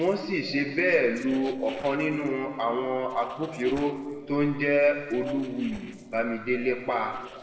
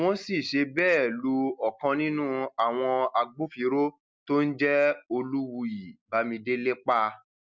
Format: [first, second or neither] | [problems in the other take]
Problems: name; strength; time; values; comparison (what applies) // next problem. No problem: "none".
second | noise reduction (neural separator model SepFormer DNS4)